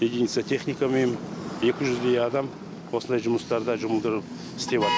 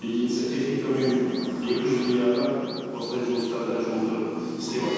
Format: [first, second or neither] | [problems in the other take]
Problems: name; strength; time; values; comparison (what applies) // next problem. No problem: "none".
first | background sound (Alarm / Car); 18 dB below the speech // room echo; dies away in 2.1 s